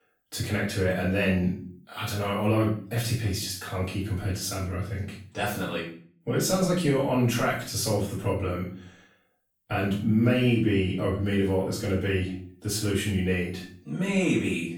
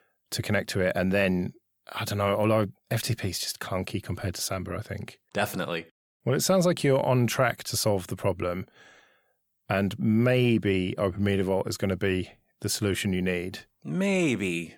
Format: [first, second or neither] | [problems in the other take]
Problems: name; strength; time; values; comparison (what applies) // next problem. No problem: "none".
second | off-mic speech; far // room echo; noticeable; dies away in 0.5 s